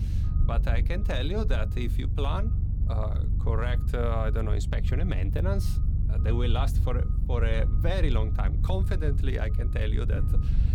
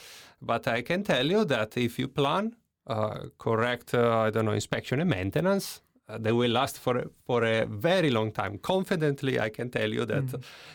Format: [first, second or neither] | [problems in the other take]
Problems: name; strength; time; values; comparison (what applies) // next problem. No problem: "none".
second | low rumble; loud; throughout; 9 dB below the speech